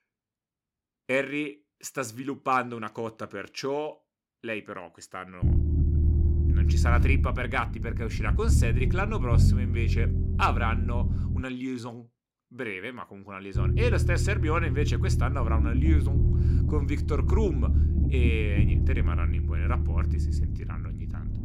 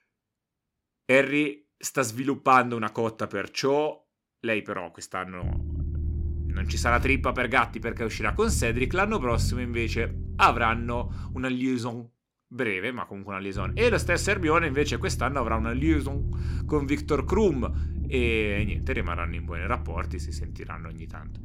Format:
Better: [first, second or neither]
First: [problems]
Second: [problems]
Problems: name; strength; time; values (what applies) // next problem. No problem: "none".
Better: second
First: low rumble; loud; from 5.5 to 11 s and from 14 s on; 8 dB below the speech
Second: low rumble; faint; from 5.5 to 11 s and from 14 s on; 20 dB below the speech